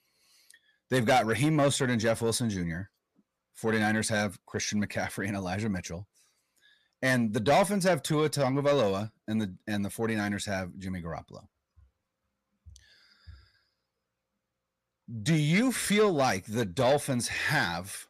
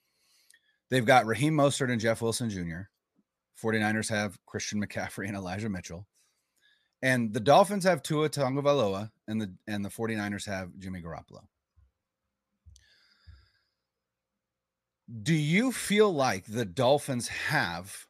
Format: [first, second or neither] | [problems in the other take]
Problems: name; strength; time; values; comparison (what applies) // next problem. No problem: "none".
second | distortion; slight; 10 dB below the speech